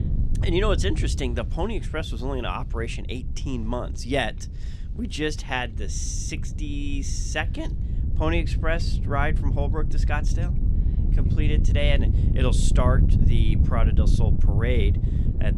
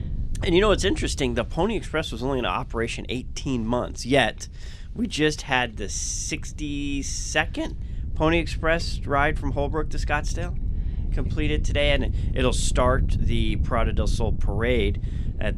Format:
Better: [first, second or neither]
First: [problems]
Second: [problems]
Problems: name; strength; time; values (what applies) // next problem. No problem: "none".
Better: second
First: wind noise on the microphone; heavy; 10 dB below the speech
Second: wind noise on the microphone; occasional gusts; 20 dB below the speech